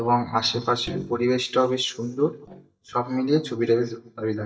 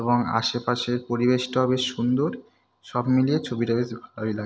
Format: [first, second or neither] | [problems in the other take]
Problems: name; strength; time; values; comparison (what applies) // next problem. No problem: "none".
second | noise reduction (neural mask model DeepFilterNet 3)